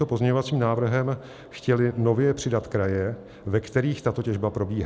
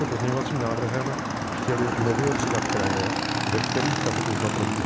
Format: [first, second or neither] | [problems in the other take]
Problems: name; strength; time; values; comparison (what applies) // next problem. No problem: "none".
first | background sound (Motorcycle / Engine); 2 dB above the speech